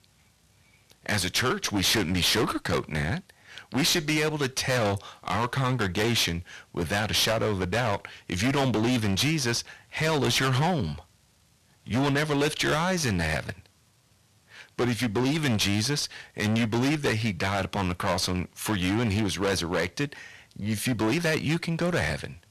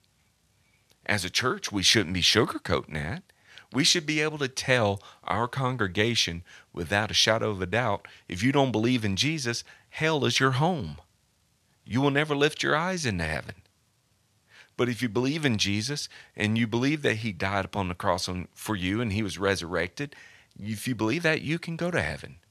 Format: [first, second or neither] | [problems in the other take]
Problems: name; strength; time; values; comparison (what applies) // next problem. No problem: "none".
second | distortion; heavy; 20% of the sound clipped